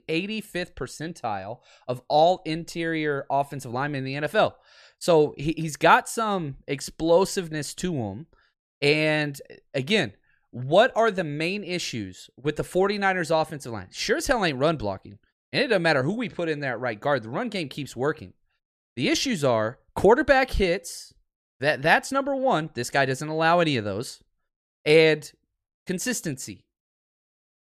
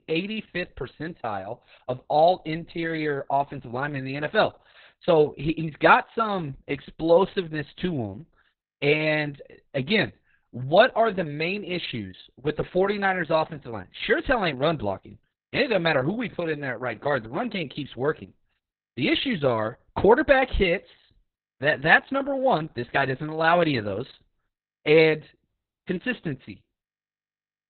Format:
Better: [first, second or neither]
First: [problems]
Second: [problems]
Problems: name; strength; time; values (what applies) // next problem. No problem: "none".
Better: first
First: none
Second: garbled, watery; badly; nothing above 4 kHz